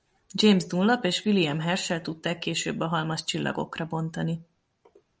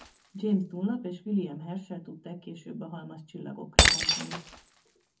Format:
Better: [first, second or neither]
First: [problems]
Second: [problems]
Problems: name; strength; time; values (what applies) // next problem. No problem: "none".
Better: first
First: none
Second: background sound (Shatter); 4 dB above the speech // room echo; dies away in 0.3 s